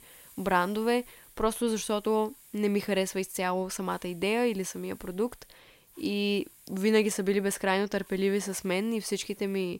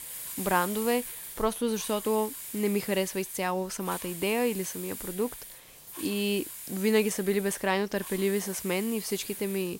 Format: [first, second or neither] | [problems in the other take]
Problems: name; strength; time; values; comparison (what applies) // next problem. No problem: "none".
first | hiss; loud; throughout; 9 dB below the speech; faint in the first